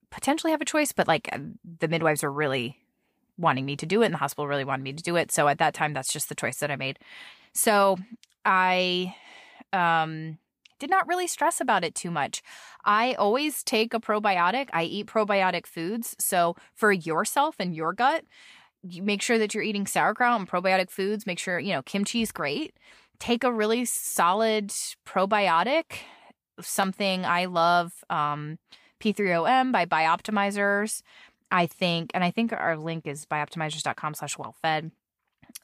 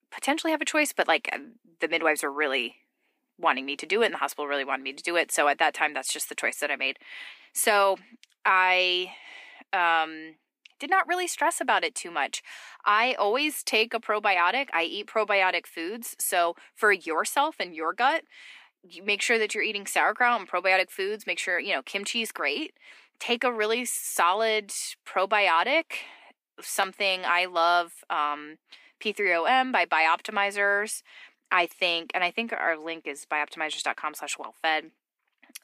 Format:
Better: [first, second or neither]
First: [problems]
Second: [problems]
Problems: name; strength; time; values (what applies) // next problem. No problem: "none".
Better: first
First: none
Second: thin; somewhat; fading below 250 Hz